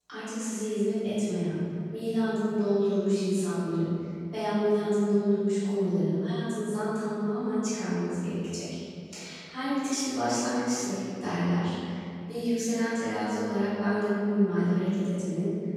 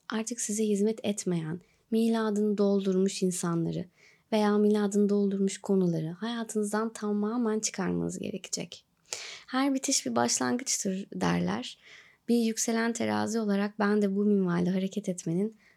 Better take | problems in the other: second | room echo; strong; dies away in 2.7 s // off-mic speech; far

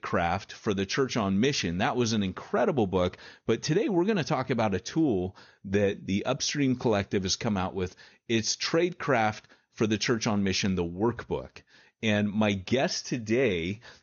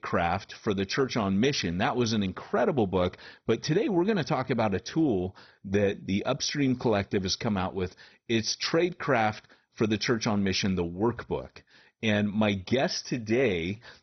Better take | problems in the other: first | garbled, watery; badly; nothing above 6 kHz; slightly in the first

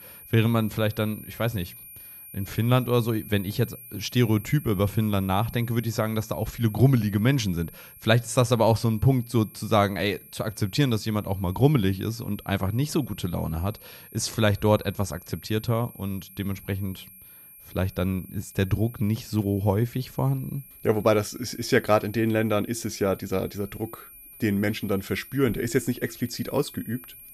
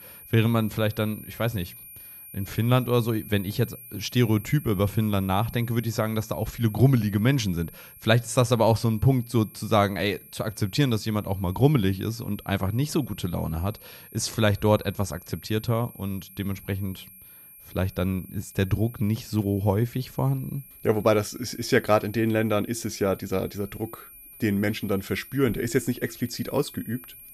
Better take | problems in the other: neither | high-pitched whine; noticeable; throughout; 11.5 kHz, 20 dB below the speech; the same in both

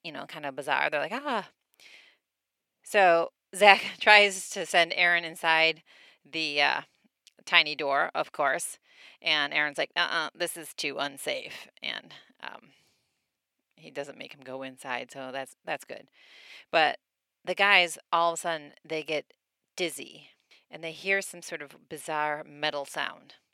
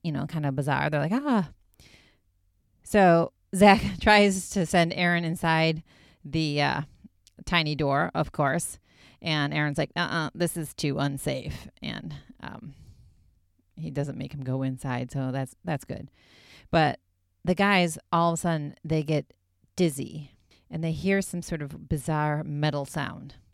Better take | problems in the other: second | thin; very; fading below 550 Hz

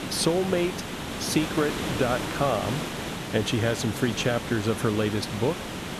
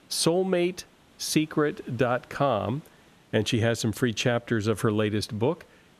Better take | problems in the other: second | hiss; loud; throughout; 5 dB below the speech; faint in the second

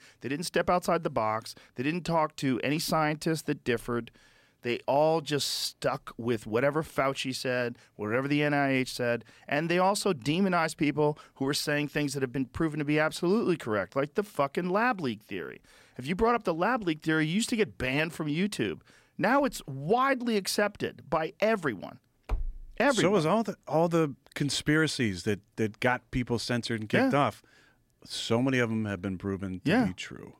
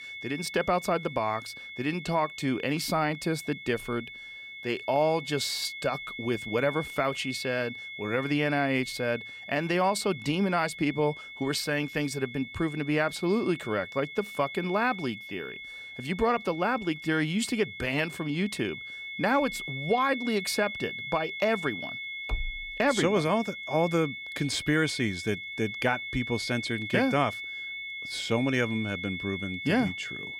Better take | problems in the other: first | high-pitched whine; loud; throughout; 2 kHz, 8 dB below the speech

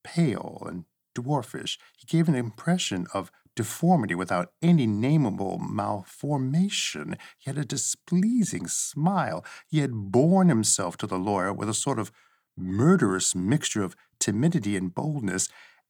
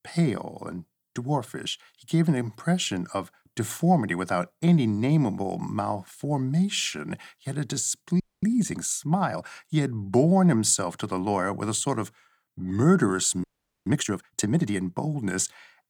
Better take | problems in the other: first | audio freezing; at 8 s and at 13 s

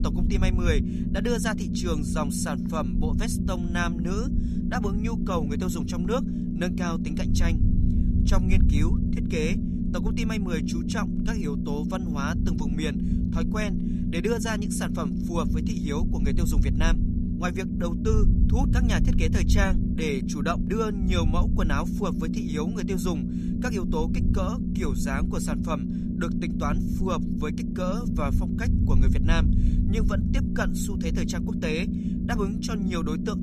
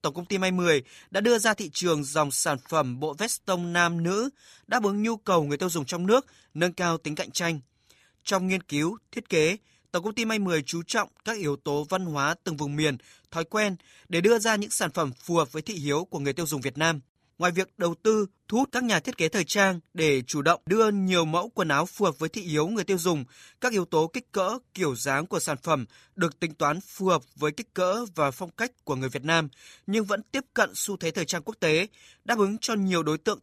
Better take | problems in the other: second | low rumble; loud; throughout; 3 dB below the speech

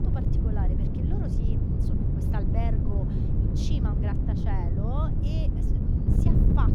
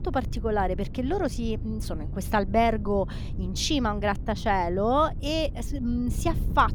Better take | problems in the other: second | wind noise on the microphone; heavy; 3 dB above the speech; occasional gusts in the second

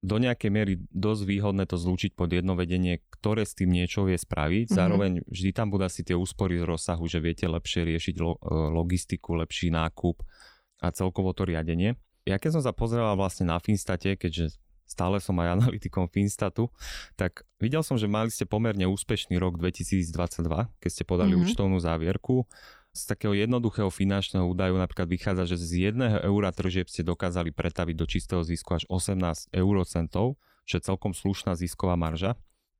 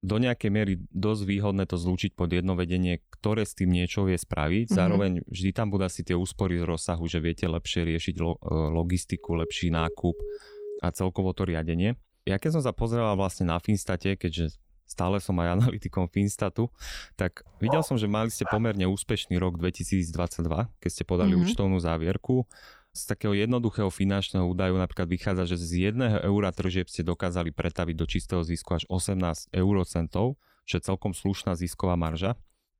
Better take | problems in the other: first | alarm; faint; from 9 to 11 s; peak 10 dB below the speech // dog barking; noticeable; at 18 s; peak 3 dB below the speech

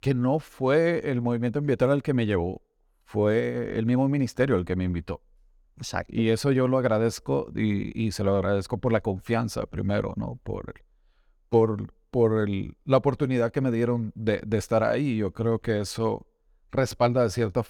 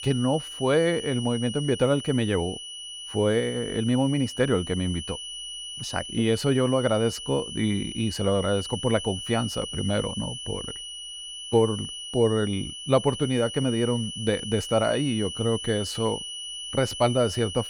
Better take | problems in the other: first | high-pitched whine; loud; throughout; 3 kHz, 8 dB below the speech

